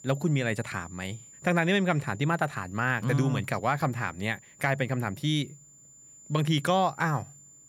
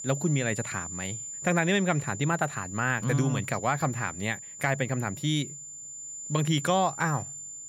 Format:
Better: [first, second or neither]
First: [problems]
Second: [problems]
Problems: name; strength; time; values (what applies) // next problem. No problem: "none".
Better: first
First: high-pitched whine; faint; throughout; 7 kHz, 20 dB below the speech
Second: high-pitched whine; loud; throughout; 7 kHz, 9 dB below the speech